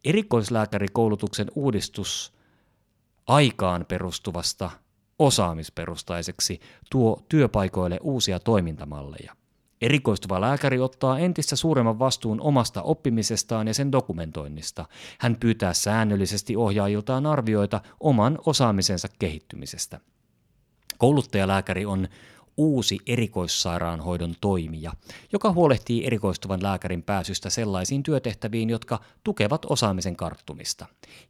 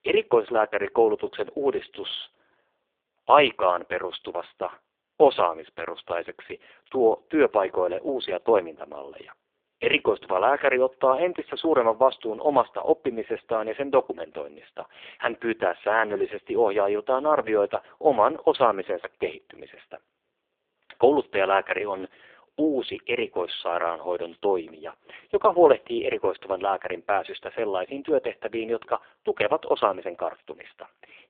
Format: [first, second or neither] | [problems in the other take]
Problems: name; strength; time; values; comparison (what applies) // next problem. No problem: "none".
first | phone-call audio; poor line; nothing above 3.5 kHz